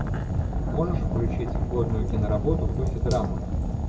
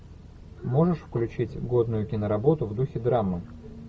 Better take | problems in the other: second | background sound (Fire); 3 dB above the speech // room echo; dies away in 1 s

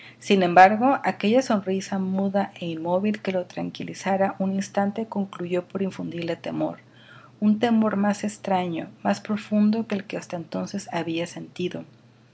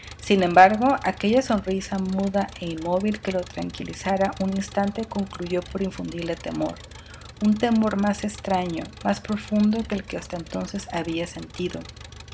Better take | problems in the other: first | background sound (Engine); 17 dB below the speech

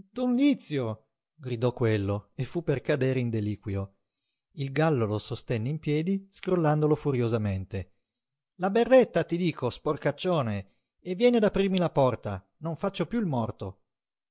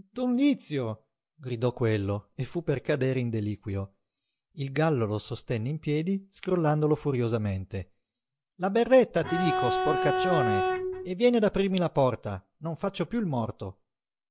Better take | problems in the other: first | background sound (Bowed string instrument); as loud as the speech

